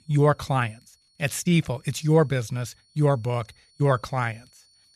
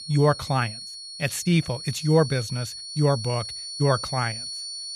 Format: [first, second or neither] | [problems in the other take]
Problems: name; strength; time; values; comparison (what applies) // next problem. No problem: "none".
first | high-pitched whine; loud; throughout; 4.5 kHz, 9 dB below the speech; faint in the first